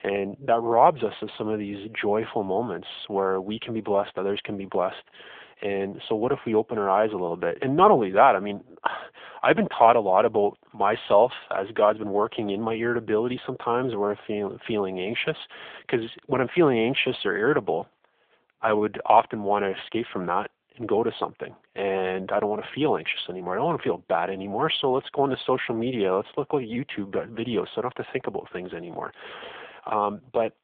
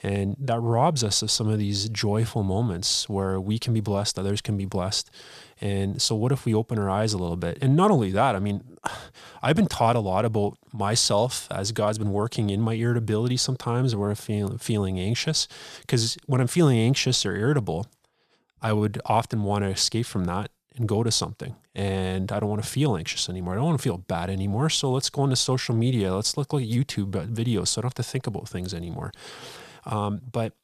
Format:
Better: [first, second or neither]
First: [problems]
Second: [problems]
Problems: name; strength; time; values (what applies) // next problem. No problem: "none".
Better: second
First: phone-call audio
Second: none